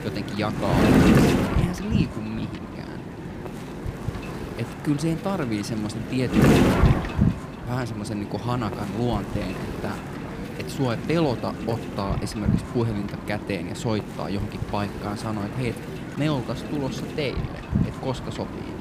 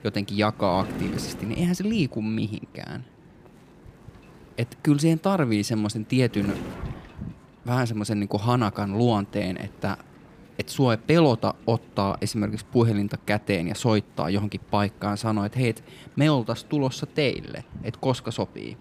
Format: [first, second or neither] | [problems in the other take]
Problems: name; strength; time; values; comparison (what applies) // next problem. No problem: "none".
second | wind noise on the microphone; heavy; 1 dB above the speech; occasional gusts in the second